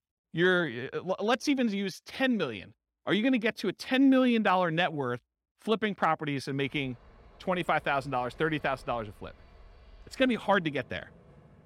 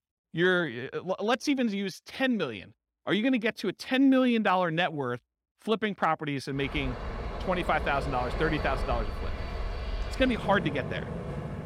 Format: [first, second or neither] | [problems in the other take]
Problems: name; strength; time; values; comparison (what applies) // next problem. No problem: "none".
first | train or aircraft noise; loud; from 6.5 s on; 8 dB below the speech; faint in the first